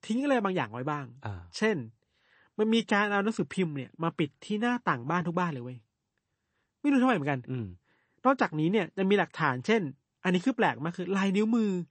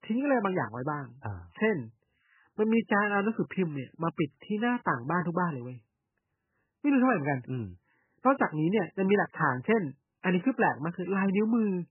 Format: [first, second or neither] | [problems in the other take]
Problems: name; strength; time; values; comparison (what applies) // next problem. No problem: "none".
first | garbled, watery; badly; nothing above 3 kHz; slightly in the first